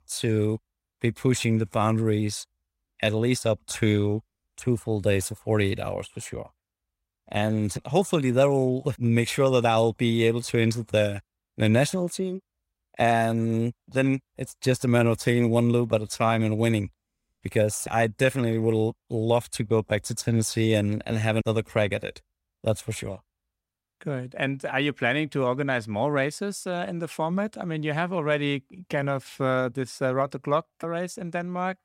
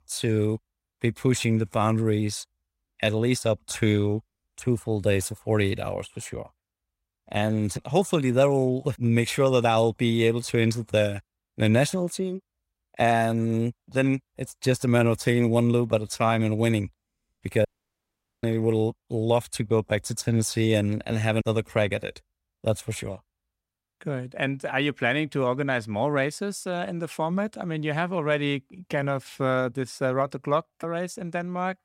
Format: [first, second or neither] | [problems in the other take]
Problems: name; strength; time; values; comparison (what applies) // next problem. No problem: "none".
first | audio cutting out; at 18 s for 1 s